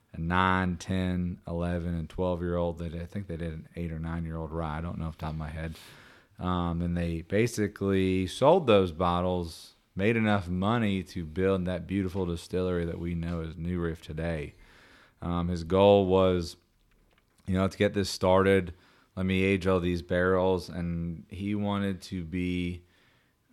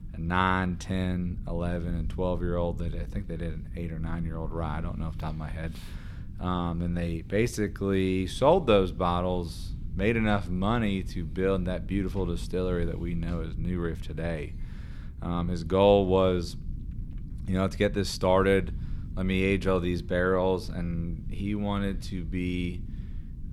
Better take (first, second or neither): first